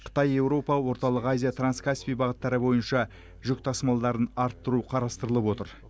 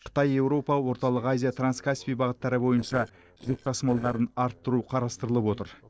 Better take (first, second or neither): first